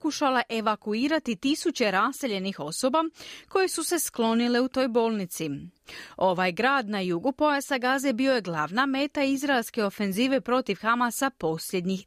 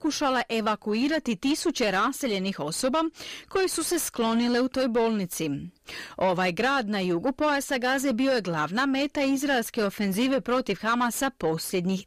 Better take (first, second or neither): first